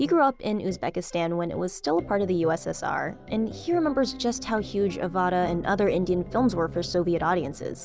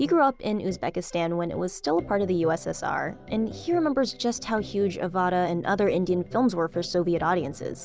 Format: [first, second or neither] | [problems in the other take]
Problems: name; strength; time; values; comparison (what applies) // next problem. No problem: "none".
second | background sound (Piano); 15 dB below the speech